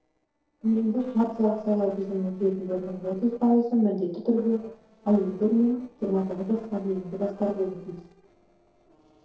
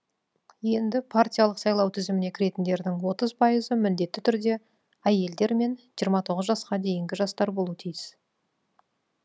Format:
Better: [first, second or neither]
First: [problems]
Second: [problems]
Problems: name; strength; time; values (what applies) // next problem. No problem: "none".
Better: second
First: noise reduction (neural separator model SepFormer DNS4)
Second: none